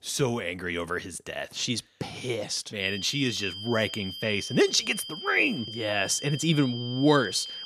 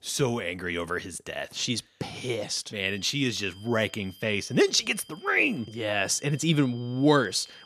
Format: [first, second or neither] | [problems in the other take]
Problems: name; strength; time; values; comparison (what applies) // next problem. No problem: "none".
second | high-pitched whine; loud; from 3 s on; 3 kHz, 9 dB below the speech; faint in the second